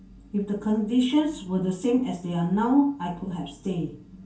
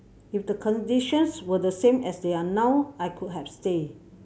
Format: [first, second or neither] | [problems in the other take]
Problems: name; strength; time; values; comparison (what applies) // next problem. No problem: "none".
second | room echo; dies away in 0.2 s